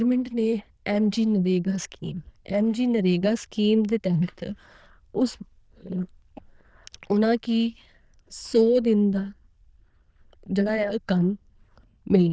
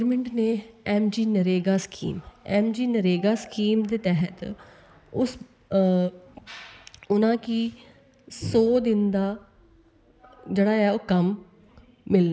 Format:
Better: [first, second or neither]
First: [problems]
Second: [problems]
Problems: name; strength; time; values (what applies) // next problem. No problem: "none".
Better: second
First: noise reduction (neural diffusion model UNIVERSE++)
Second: none